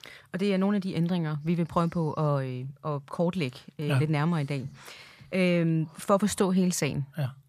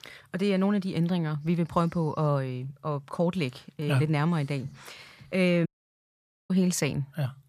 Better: first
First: none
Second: audio cutting out; at 5.5 s for 1 s

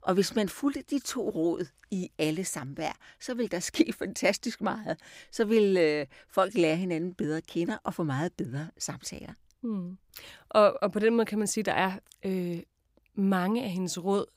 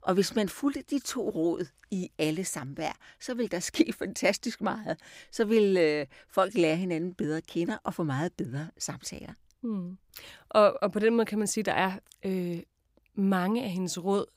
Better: neither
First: none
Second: none

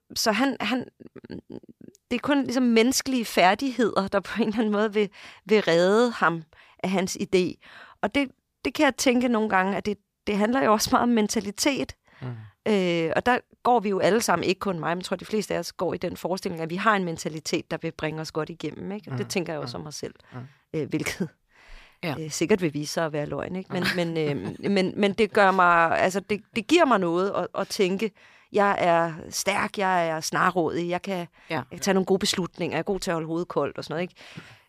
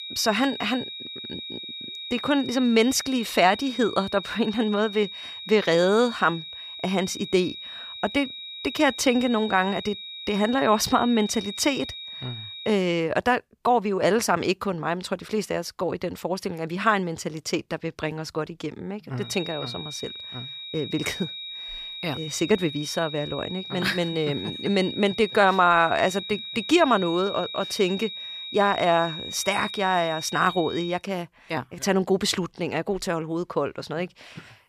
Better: first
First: none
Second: high-pitched whine; loud; until 13 s and from 19 to 31 s; 4 kHz, 10 dB below the speech

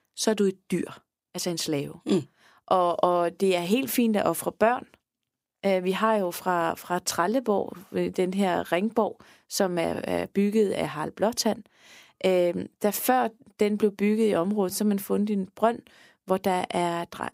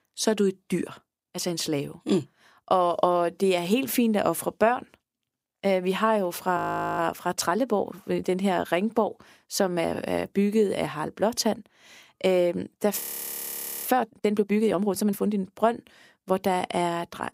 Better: first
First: none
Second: audio freezing; at 6.5 s and at 13 s for 1 s

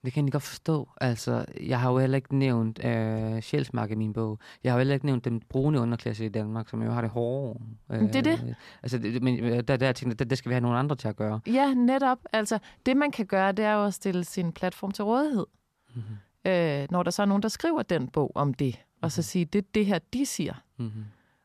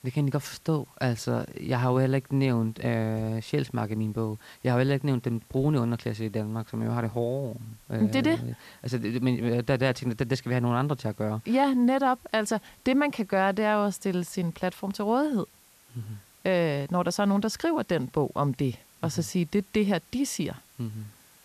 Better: first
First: none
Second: hiss; faint; throughout; 30 dB below the speech

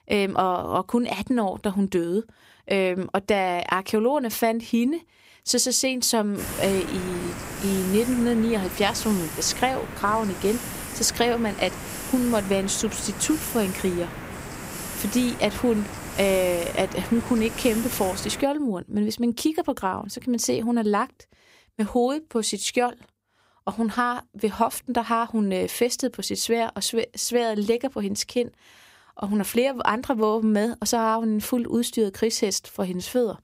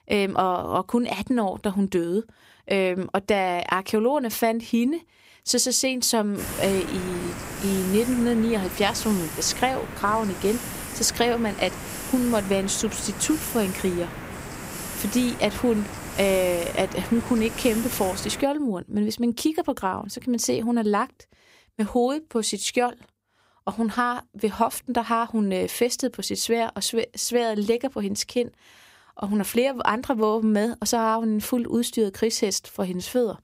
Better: neither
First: hiss; loud; from 6.5 to 18 s; 9 dB below the speech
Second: hiss; loud; from 6.5 to 18 s; 9 dB below the speech

